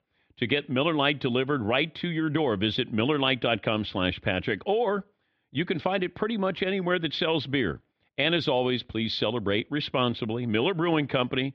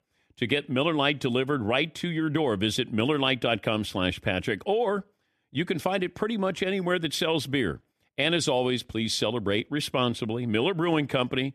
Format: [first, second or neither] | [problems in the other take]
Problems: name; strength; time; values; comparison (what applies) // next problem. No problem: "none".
second | muffled; very slightly; fading above 4 kHz